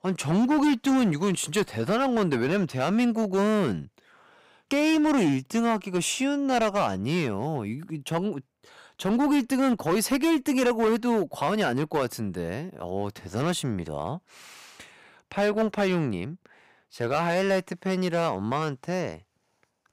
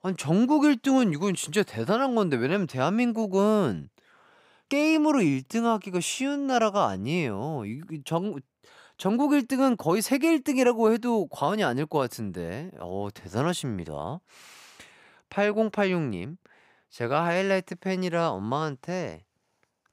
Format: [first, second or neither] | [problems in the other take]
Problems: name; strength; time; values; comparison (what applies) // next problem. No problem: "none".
second | distortion; slight; 8% of the sound clipped